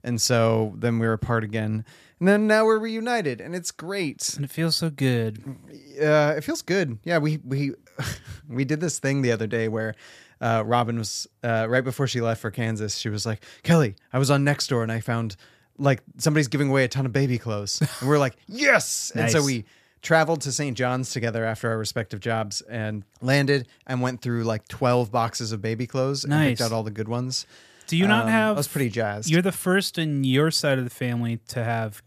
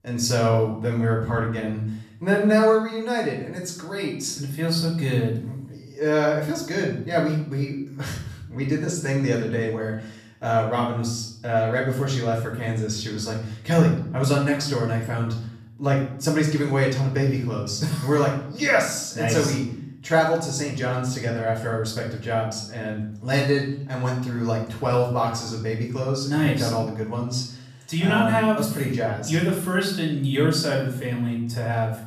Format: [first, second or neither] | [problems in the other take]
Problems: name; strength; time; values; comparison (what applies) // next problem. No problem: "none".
first | room echo; noticeable; dies away in 0.6 s // off-mic speech; far